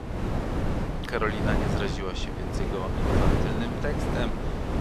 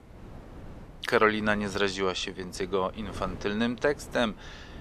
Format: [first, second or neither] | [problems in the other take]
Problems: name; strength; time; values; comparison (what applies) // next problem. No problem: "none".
second | wind noise on the microphone; heavy; 1 dB above the speech; occasional gusts in the second